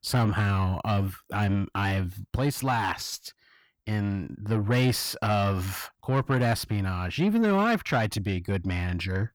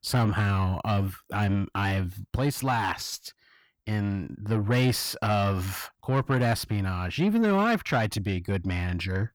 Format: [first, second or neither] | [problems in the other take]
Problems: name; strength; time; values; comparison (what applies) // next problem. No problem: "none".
neither | distortion; slight; 10 dB below the speech; the same in both